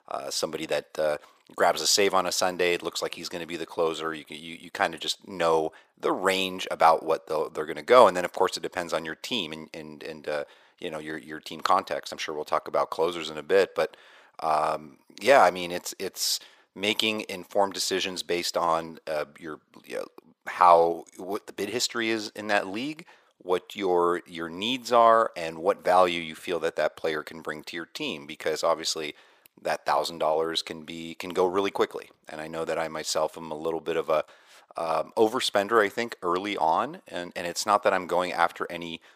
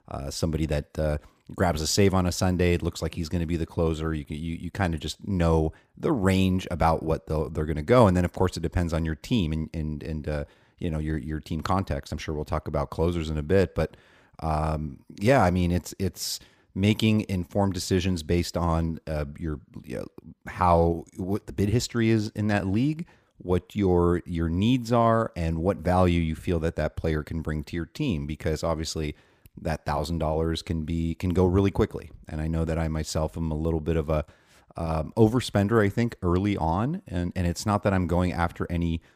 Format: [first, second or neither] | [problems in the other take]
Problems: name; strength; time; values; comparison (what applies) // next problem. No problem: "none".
second | thin; very; fading below 600 Hz